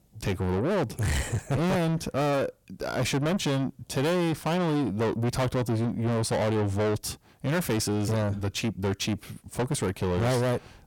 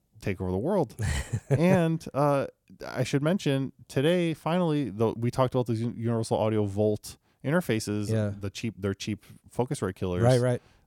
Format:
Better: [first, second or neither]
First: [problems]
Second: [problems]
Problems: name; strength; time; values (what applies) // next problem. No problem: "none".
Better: second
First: distortion; heavy; 6 dB below the speech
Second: none